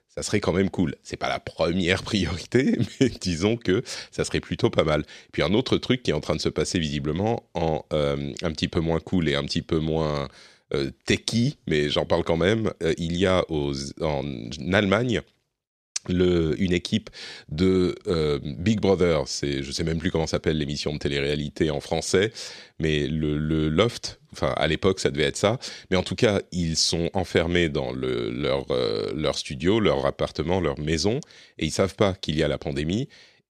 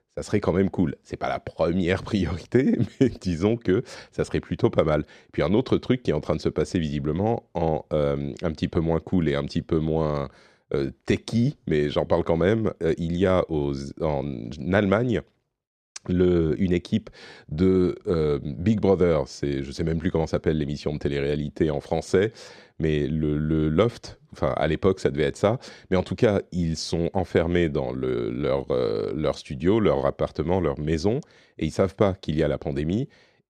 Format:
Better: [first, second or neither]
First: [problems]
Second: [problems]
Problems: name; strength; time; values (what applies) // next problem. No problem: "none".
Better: first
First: none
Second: muffled; slightly; fading above 2 kHz